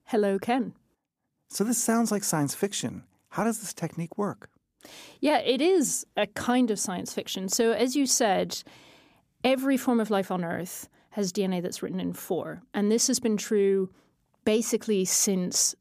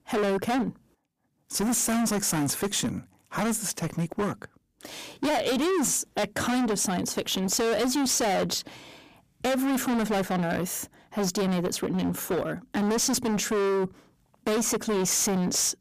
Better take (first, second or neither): first